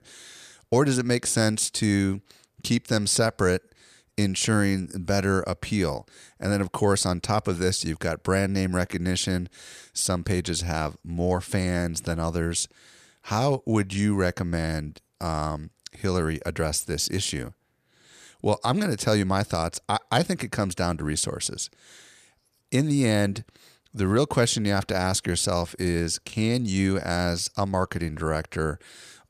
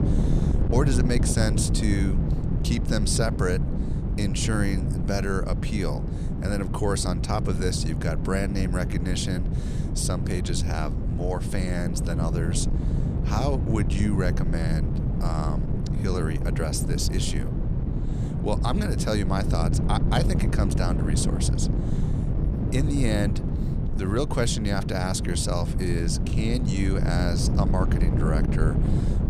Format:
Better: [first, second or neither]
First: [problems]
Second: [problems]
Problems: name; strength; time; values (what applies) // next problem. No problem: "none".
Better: first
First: none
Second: wind noise on the microphone; heavy; 5 dB below the speech